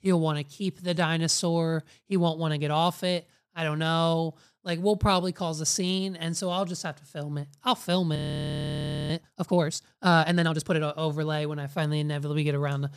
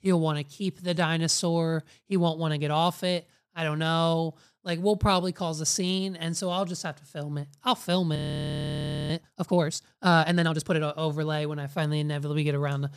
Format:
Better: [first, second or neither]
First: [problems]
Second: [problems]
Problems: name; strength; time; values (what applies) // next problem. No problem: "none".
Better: neither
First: audio freezing; at 8 s for 1 s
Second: audio freezing; at 8 s for 1 s